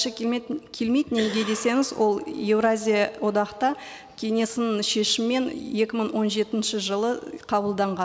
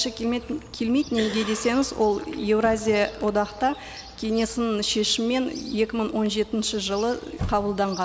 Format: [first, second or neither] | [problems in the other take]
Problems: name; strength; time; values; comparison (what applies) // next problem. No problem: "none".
first | background sound (Chirp, tweet); 16 dB below the speech